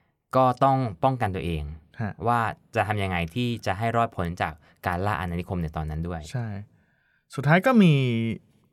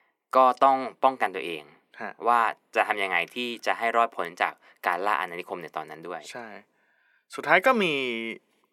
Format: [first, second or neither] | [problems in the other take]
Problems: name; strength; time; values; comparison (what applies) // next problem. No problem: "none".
first | thin; very; fading below 300 Hz